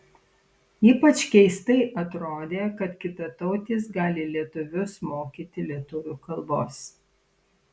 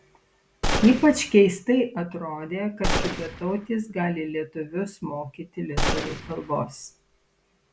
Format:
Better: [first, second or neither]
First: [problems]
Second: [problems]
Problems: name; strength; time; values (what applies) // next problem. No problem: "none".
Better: first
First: none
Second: background sound (Gunshot, gunfire); 3 dB below the speech